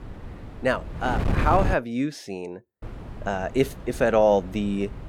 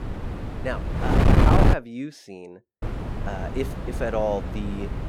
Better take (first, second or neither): first